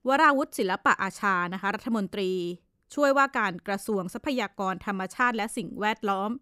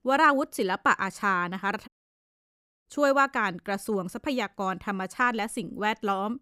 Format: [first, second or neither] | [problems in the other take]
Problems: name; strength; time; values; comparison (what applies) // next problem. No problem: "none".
first | audio cutting out; at 2 s for 1 s